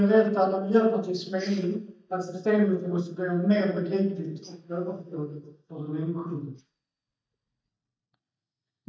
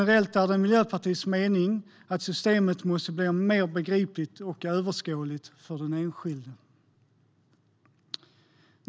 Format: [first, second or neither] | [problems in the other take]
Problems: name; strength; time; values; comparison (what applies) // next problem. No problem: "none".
second | noise reduction (neural mask model DeepFilterNet 3)